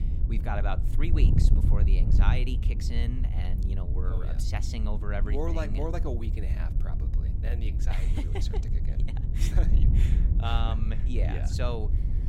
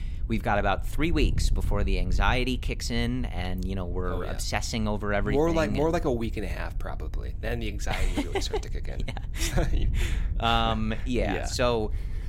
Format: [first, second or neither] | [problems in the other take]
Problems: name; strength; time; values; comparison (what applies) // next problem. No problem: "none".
second | wind noise on the microphone; heavy; 6 dB below the speech; occasional gusts in the second